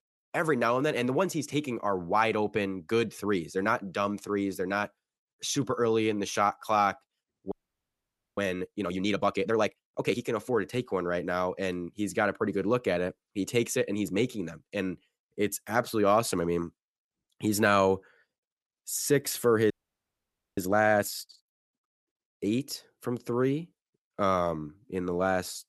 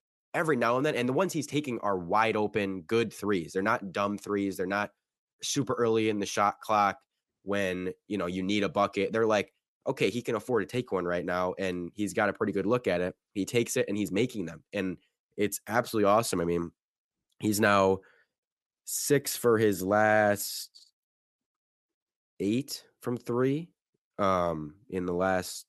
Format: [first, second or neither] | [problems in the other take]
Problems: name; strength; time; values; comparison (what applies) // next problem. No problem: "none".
second | audio freezing; at 7.5 s for 1 s and at 20 s for 1 s